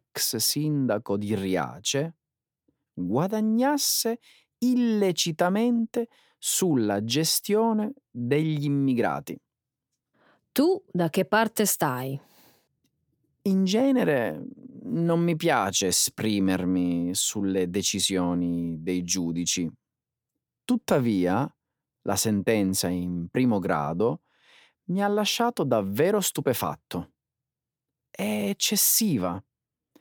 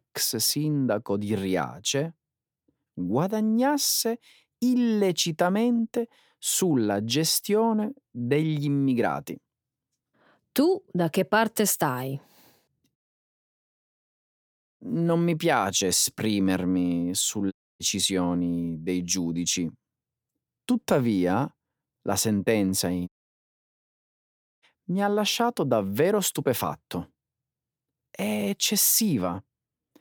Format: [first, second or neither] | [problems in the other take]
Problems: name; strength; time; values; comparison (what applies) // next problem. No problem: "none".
first | audio cutting out; at 13 s for 2 s, at 18 s and at 23 s for 1.5 s